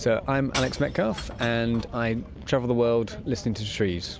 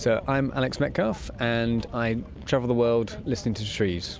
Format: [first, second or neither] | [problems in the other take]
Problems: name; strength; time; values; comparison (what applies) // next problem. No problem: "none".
second | background sound (Shatter / Crushing); 16 dB below the speech